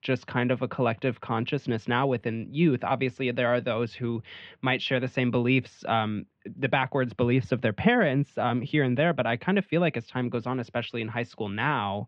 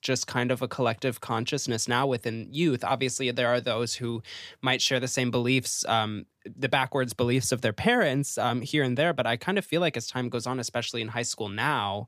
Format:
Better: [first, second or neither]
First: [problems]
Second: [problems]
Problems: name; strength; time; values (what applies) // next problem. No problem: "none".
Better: second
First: muffled; very; fading above 3 kHz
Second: none